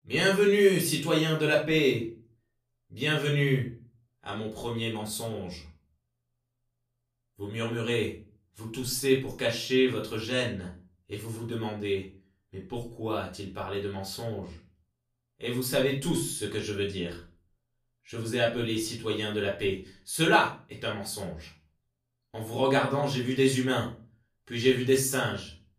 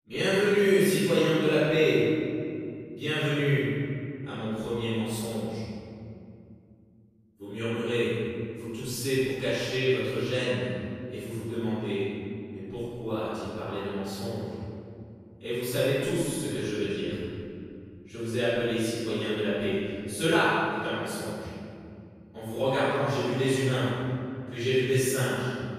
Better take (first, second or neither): first